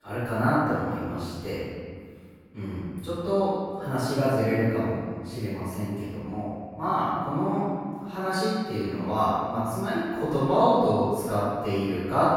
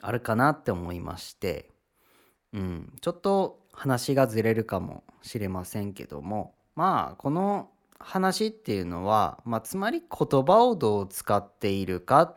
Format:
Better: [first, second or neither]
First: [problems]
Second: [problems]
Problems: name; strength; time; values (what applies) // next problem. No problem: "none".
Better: second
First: room echo; strong; dies away in 1.9 s // off-mic speech; far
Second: none